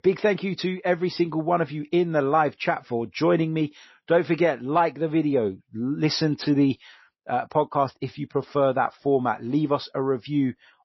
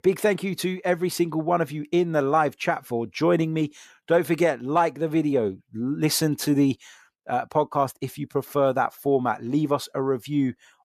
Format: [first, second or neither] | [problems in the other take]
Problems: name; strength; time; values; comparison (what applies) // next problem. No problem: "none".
second | garbled, watery; slightly; nothing above 5.5 kHz